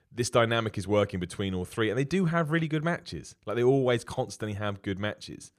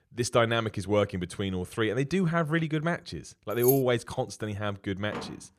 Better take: first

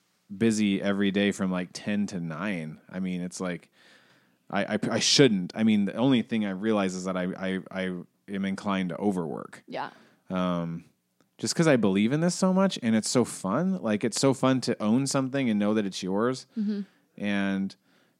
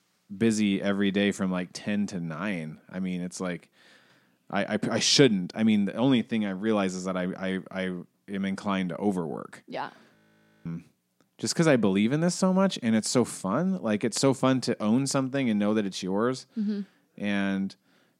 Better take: first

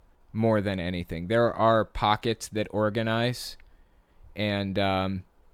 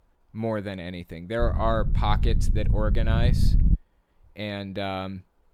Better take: first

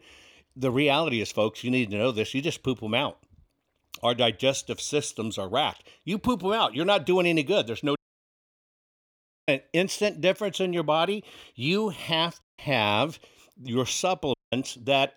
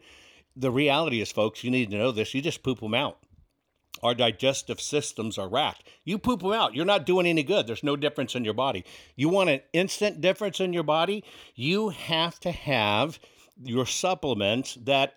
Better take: second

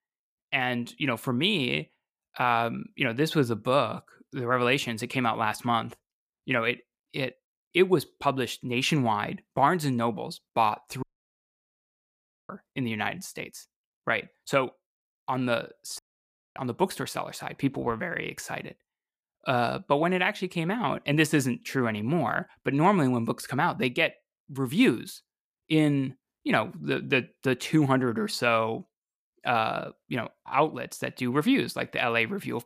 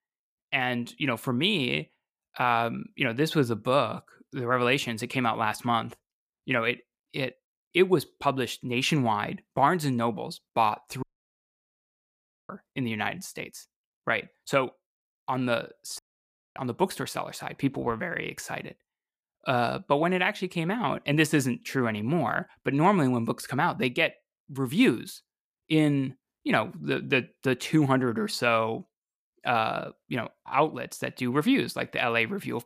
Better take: neither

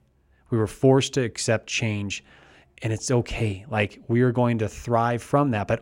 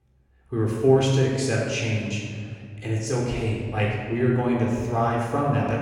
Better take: first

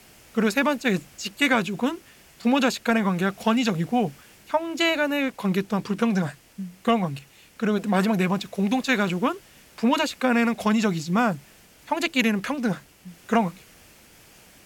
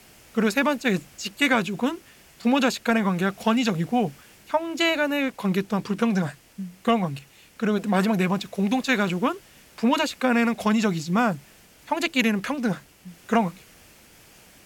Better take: neither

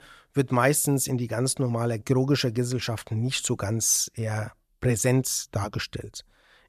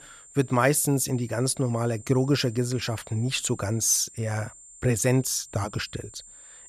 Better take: first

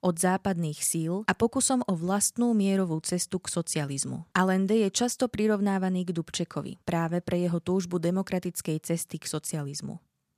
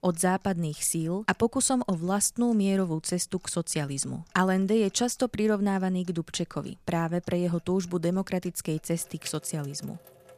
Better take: first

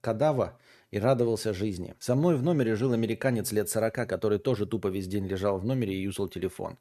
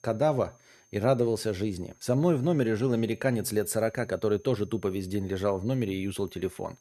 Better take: first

